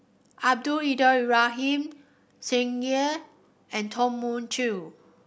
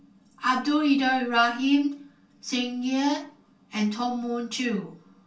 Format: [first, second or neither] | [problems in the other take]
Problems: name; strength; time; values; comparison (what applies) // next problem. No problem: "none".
first | room echo; dies away in 0.2 s